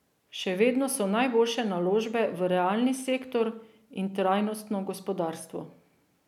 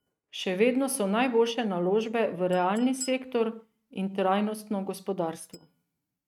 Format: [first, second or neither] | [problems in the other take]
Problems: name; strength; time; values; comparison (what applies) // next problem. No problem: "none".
first | noise reduction (neural mask model RNNoise)